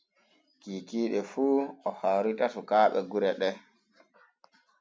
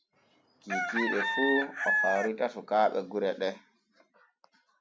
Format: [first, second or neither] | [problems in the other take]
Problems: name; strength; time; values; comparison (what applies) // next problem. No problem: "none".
first | background sound (Chicken, rooster); as loud as the speech